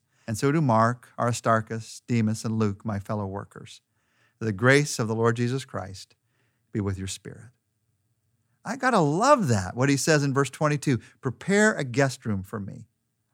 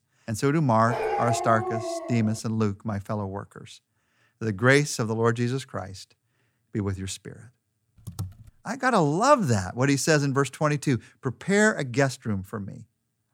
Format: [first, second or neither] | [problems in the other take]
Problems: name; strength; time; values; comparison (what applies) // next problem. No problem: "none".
first | dog barking; noticeable; from 1 to 2.5 s; peak 2 dB below the speech // keyboard typing; faint; at 8 s; peak 15 dB below the speech